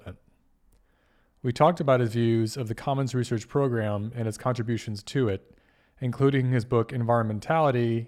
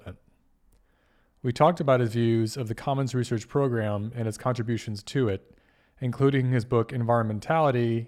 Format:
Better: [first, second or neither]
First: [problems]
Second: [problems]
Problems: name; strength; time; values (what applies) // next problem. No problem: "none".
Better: neither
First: none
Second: none